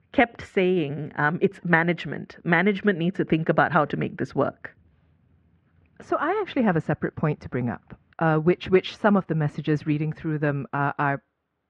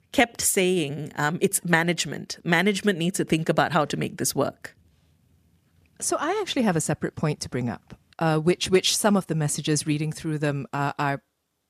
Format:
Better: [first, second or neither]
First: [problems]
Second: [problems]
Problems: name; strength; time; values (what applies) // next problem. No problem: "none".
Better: second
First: muffled; very; fading above 2.5 kHz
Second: none